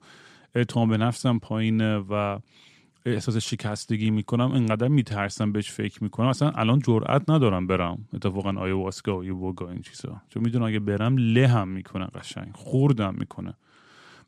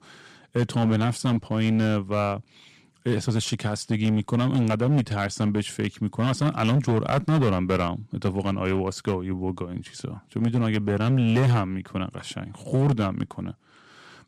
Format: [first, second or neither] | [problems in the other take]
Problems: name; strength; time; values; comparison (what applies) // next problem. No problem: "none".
first | distortion; slight; 6% of the sound clipped